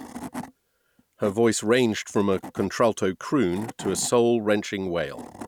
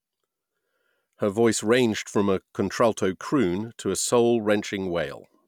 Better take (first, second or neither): second